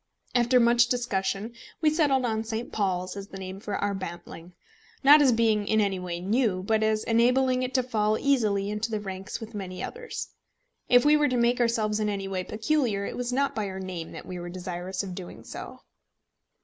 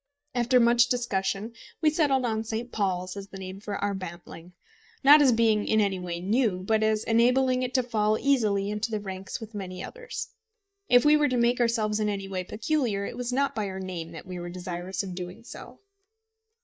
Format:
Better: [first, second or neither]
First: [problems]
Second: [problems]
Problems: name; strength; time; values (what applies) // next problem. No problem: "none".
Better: first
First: none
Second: noise reduction (neural mask model DeepFilterNet 3)